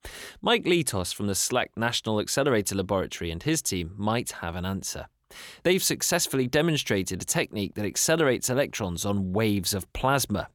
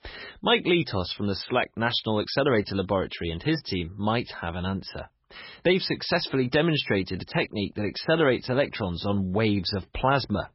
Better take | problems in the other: first | garbled, watery; badly; nothing above 5.5 kHz

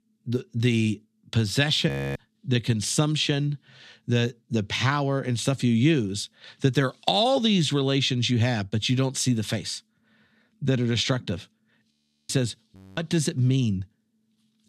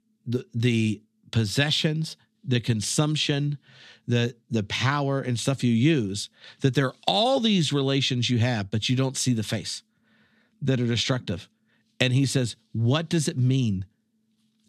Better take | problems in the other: second | audio freezing; at 2 s, at 12 s and at 13 s

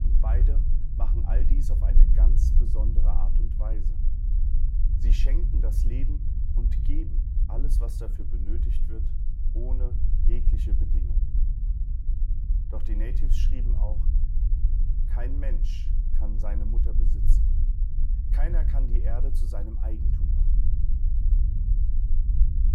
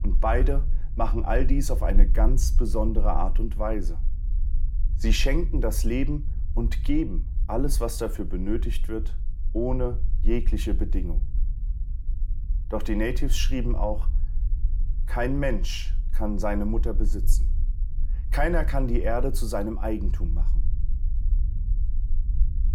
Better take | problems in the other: second | low rumble; loud; throughout; 3 dB below the speech; faint in the second

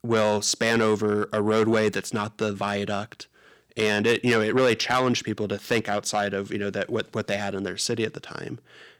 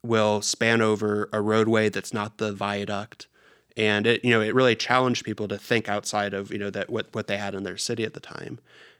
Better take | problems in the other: second | distortion; slight; 10 dB below the speech

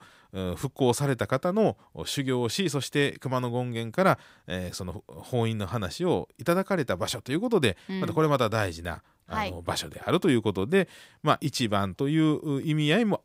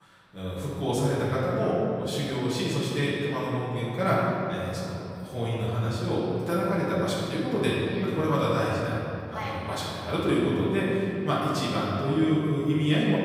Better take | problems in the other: first | room echo; strong; dies away in 2.8 s // off-mic speech; far

